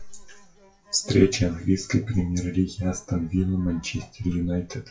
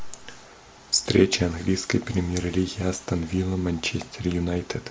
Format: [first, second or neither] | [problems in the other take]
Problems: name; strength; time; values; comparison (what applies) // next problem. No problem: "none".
second | noise reduction (classical method WPE with log-MMSE)